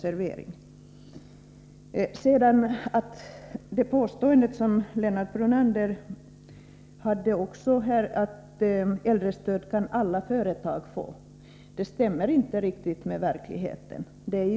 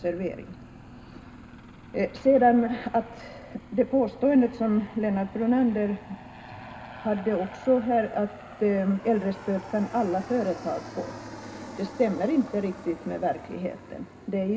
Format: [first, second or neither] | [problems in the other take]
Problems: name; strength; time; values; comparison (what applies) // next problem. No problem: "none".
first | background sound (Aircraft); 17 dB below the speech // room echo; dies away in 0.2 s